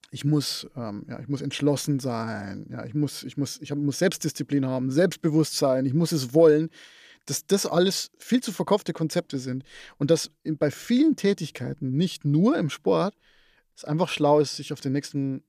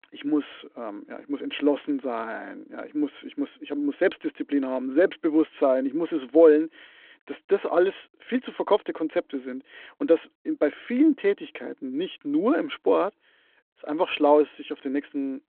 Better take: first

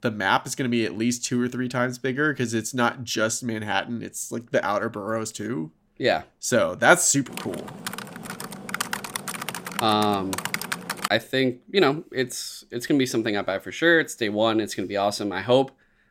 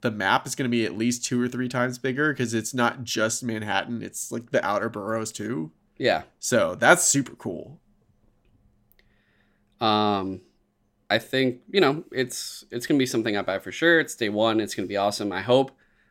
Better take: second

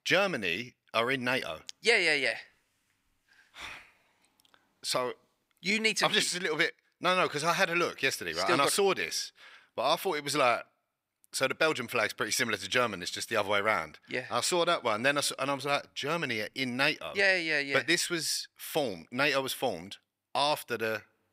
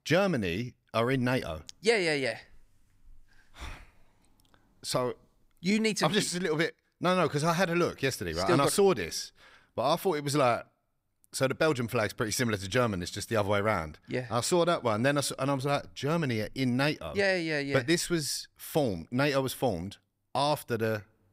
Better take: second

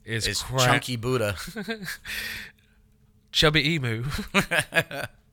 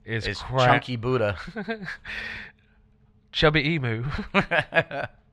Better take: first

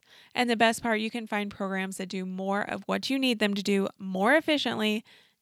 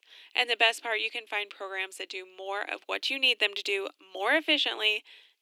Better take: first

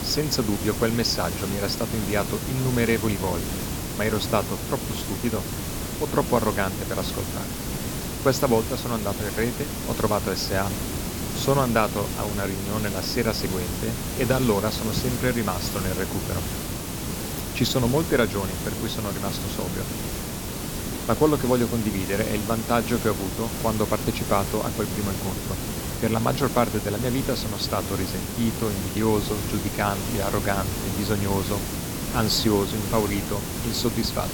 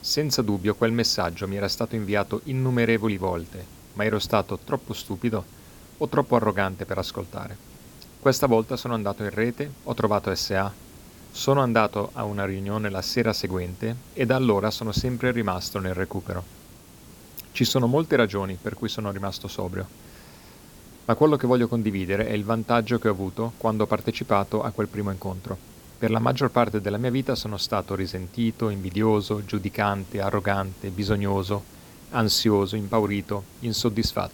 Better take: second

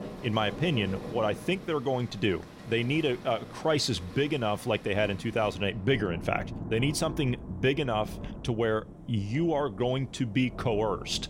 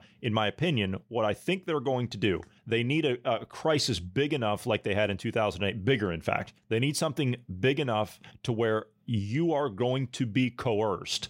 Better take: second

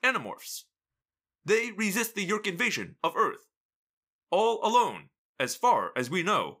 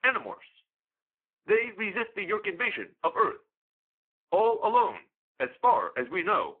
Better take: first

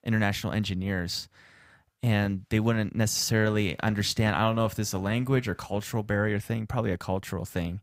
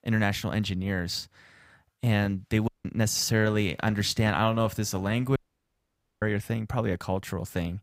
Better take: first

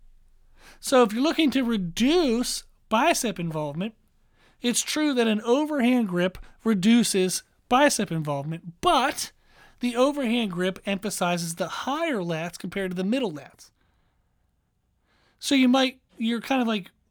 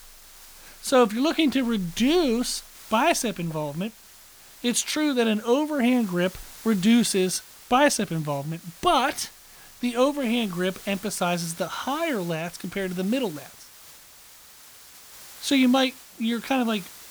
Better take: first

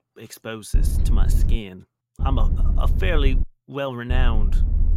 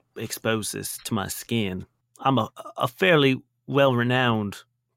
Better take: second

